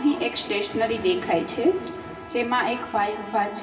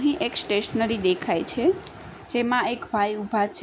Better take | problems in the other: second | background sound (Trumpet); 17 dB below the speech // room echo; dies away in 2.9 s

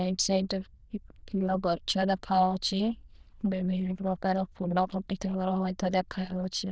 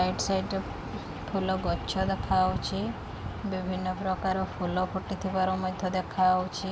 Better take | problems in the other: second | noise reduction (neural diffusion model UNIVERSE++)

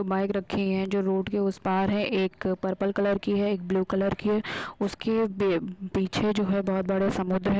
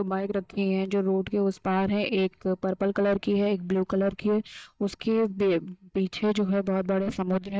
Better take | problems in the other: first | noise reduction (neural mask model DeepFilterNet 3)

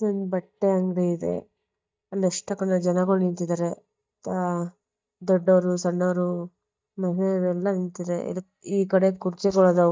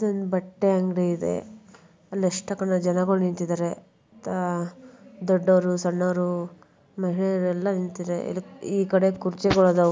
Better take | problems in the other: second | noise reduction (neural mask model DeepFilterNet 3)

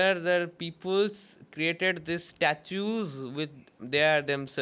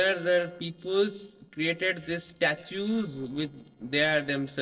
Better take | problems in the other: first | noise reduction (neural separator model SepFormer DNS4)

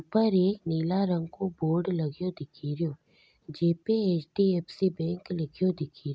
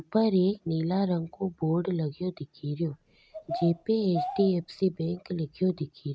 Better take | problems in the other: first | background sound (Bird vocalization, bird call, bird song); 10 dB below the speech

